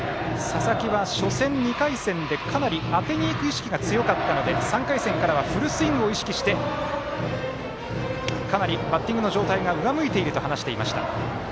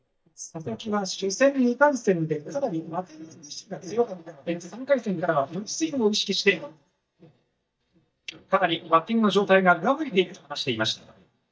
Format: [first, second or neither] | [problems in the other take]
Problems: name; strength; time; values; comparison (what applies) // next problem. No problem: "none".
first | noise reduction (neural mask model DeepFilterNet 3)